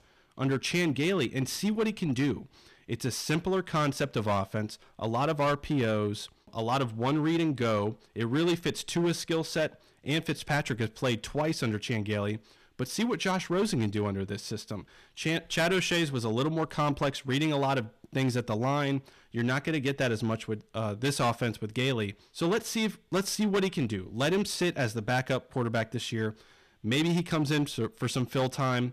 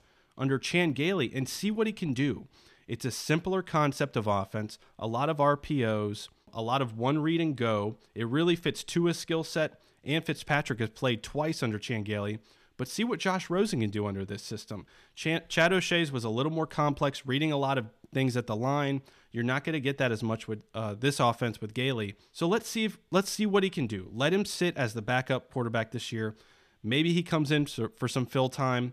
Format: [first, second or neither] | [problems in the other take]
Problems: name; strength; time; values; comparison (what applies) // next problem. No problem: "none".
second | distortion; slight; 9% of the sound clipped